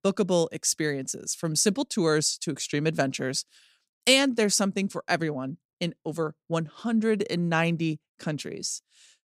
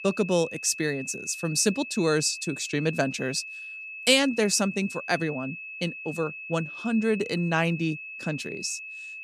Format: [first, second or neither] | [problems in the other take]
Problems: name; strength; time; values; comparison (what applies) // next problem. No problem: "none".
first | high-pitched whine; noticeable; throughout; 2.5 kHz, 10 dB below the speech